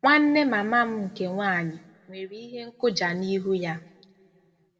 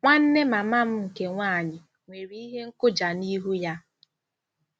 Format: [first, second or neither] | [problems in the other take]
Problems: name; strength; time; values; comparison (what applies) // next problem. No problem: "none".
second | room echo; dies away in 1.9 s